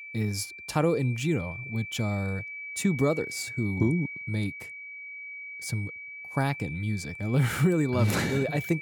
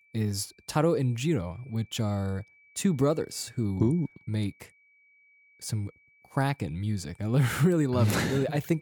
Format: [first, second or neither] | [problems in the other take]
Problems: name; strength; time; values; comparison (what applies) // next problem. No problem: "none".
second | high-pitched whine; loud; throughout; 2.5 kHz, 9 dB below the speech; faint in the second